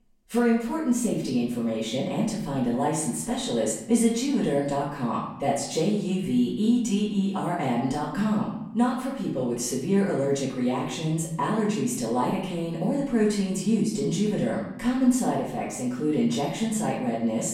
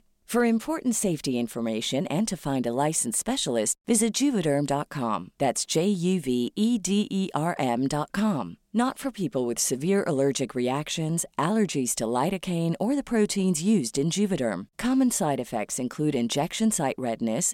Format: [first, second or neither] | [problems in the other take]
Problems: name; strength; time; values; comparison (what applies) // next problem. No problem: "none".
second | off-mic speech; far // room echo; noticeable; dies away in 0.8 s